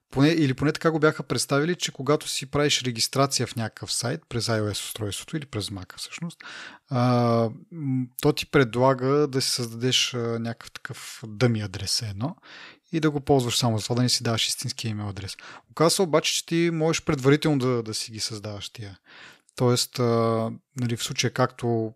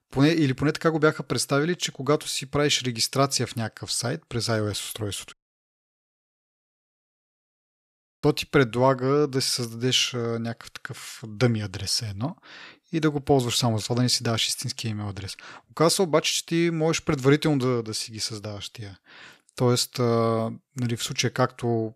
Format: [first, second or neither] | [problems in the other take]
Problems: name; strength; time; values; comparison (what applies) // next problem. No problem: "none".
first | audio cutting out; at 5.5 s for 3 s